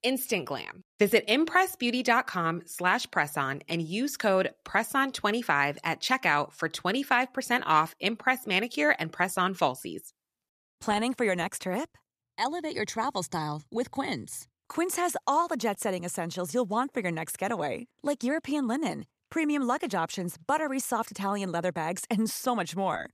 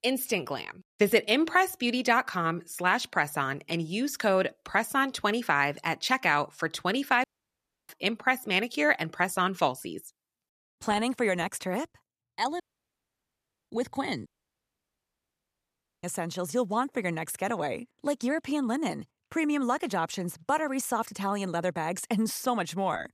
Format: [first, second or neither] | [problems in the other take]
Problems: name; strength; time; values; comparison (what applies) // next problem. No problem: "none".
first | audio cutting out; at 7 s for 0.5 s, at 13 s for 1 s and at 14 s for 2 s